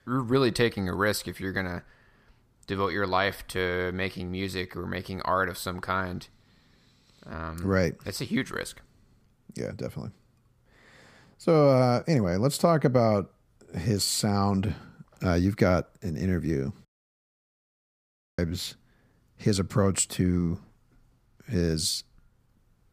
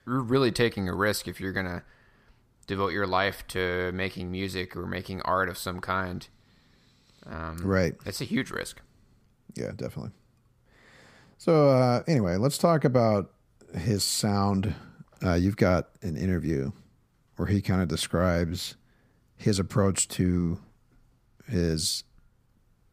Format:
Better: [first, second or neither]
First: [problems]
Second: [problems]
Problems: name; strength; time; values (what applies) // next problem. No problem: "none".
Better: second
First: audio cutting out; at 17 s for 1.5 s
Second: none